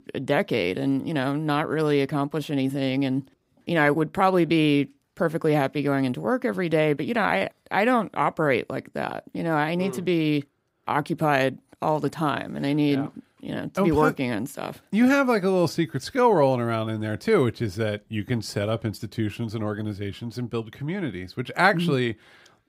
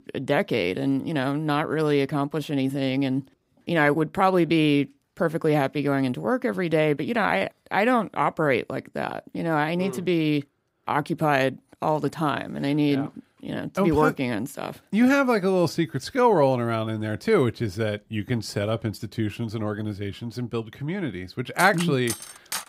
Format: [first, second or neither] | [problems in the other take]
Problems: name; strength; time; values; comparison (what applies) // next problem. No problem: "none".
first | clattering dishes; noticeable; from 22 s on; peak 8 dB below the speech